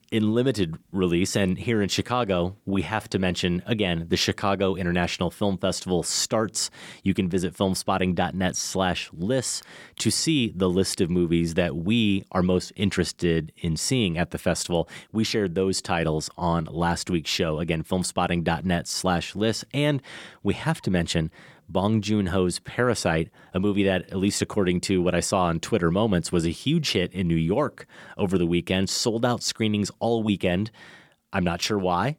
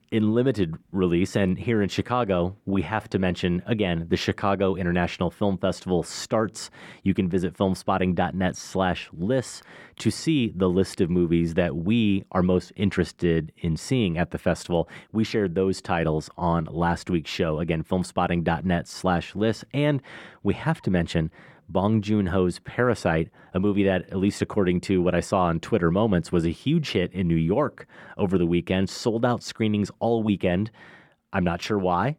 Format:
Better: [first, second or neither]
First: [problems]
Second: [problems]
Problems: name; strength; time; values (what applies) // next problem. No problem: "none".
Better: first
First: none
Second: muffled; slightly; fading above 3 kHz